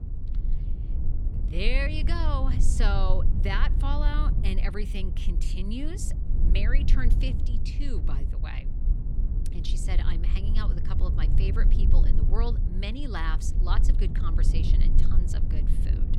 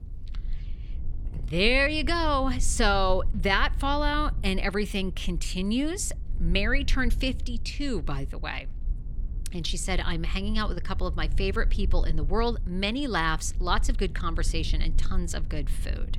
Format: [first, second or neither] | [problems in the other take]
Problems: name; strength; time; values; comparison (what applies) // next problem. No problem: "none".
second | low rumble; loud; throughout; 8 dB below the speech; faint in the second